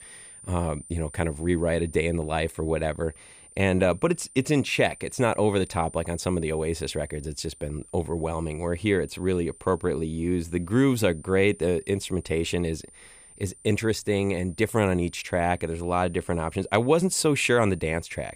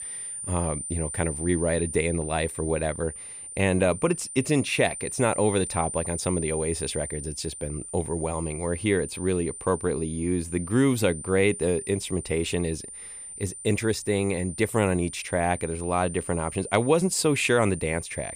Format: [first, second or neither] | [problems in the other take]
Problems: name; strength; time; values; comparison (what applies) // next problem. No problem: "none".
first | high-pitched whine; loud; throughout; 9 kHz, 9 dB below the speech; faint in the first